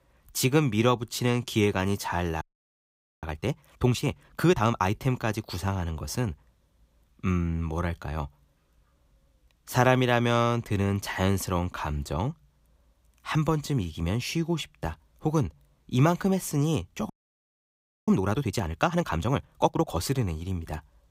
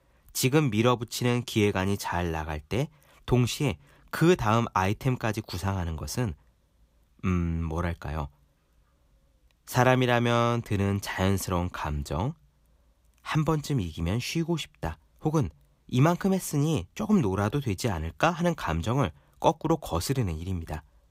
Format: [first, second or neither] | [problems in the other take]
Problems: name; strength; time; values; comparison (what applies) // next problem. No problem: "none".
second | audio freezing; at 2.5 s for 1 s and at 17 s for 1 s